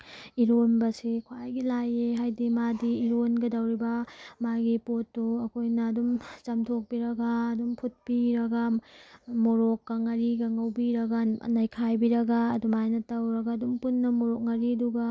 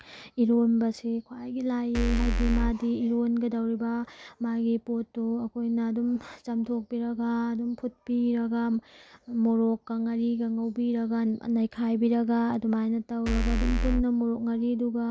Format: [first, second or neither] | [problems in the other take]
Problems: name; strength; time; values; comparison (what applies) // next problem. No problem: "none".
first | background sound (Bass drum / Keyboard (musical)); 2 dB above the speech